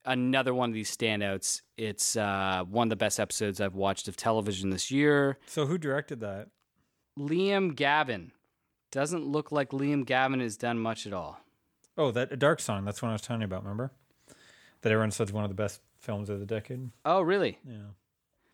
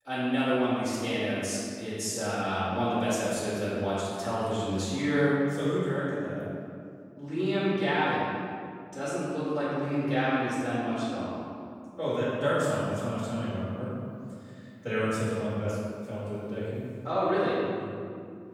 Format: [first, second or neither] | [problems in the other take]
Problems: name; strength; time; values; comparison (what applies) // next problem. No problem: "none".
first | room echo; strong; dies away in 2.3 s // off-mic speech; far